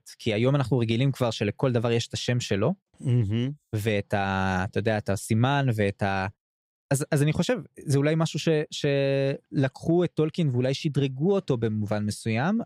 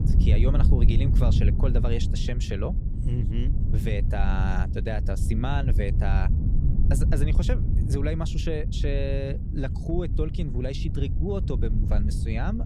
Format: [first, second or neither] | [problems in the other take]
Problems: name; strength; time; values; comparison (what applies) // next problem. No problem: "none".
first | wind noise on the microphone; heavy; 6 dB below the speech